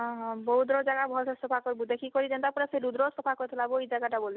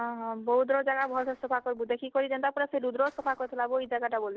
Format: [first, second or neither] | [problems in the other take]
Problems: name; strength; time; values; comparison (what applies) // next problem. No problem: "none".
first | noise reduction (neural separator model SepFormer DNS4)